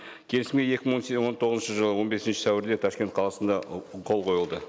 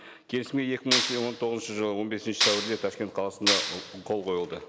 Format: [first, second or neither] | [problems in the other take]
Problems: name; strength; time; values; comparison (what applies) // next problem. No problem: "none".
first | background sound (Clapping); as loud as the speech